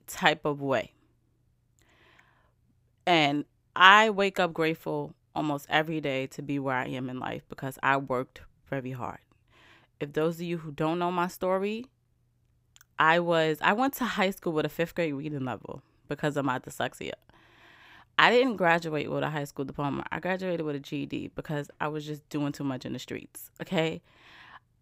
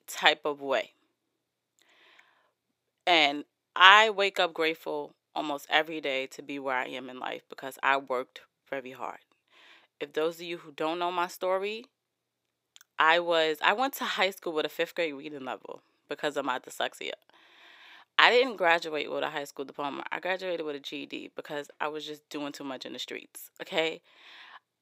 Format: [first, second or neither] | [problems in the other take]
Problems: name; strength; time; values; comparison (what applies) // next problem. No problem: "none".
first | thin; somewhat; fading below 450 Hz